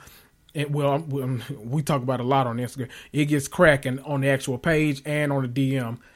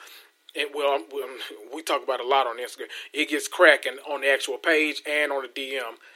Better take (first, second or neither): first